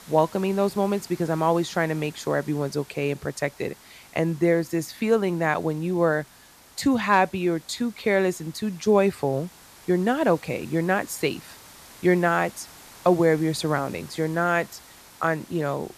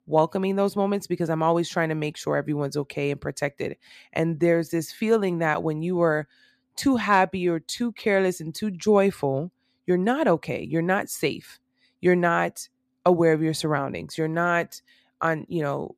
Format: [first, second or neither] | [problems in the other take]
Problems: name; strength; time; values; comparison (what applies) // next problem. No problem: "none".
second | hiss; faint; throughout; 20 dB below the speech